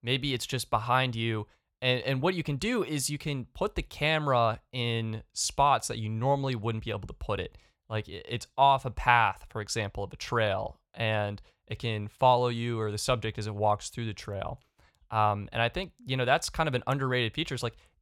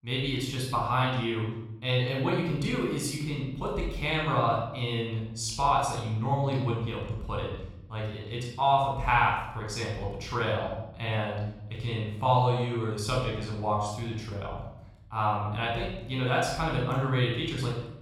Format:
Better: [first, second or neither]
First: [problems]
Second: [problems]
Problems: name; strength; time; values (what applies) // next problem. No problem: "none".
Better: first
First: none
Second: off-mic speech; far // room echo; noticeable; dies away in 0.9 s